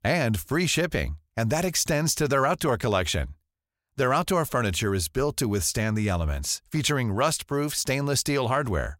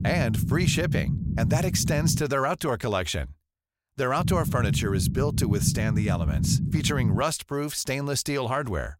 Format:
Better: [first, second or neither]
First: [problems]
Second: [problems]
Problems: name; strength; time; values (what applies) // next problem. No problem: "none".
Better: first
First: none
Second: low rumble; loud; until 2 s and from 4 to 7 s; 9 dB below the speech